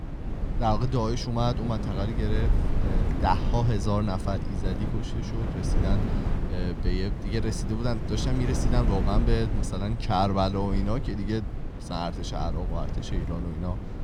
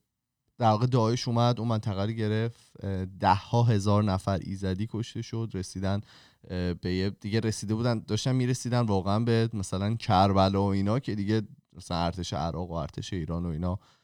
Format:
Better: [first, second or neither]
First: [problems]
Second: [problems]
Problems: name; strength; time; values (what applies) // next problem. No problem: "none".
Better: second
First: wind noise on the microphone; heavy; 7 dB below the speech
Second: none